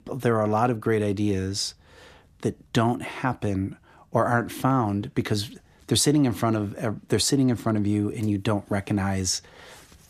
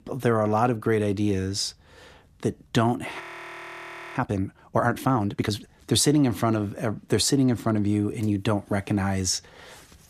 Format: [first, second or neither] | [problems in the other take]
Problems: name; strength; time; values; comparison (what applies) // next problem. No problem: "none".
first | audio freezing; at 3 s for 1 s